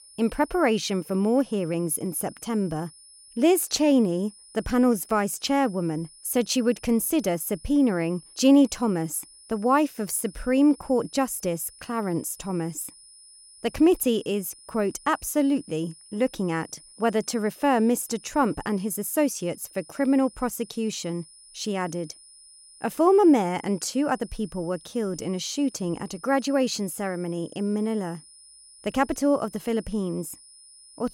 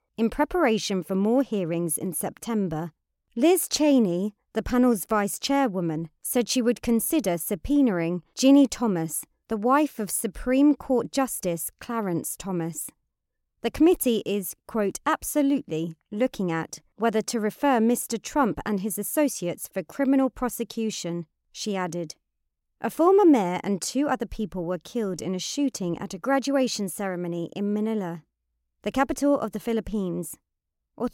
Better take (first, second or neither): second